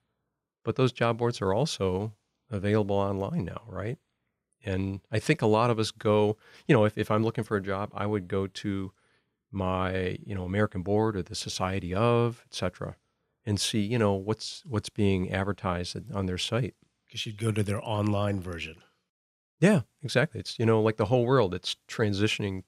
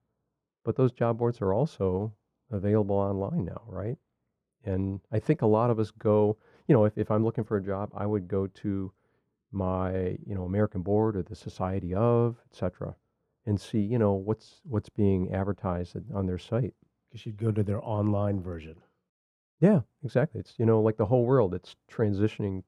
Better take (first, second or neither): first